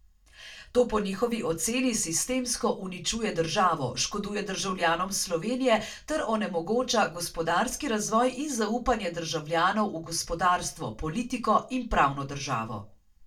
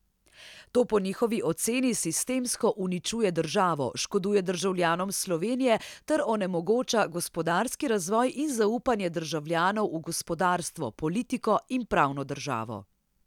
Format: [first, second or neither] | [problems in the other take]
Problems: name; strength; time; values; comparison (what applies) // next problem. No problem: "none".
second | room echo; dies away in 0.2 s